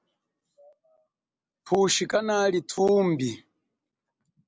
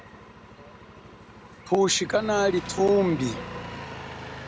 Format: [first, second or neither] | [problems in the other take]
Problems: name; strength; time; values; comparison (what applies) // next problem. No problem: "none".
first | background sound (Engine); 12 dB below the speech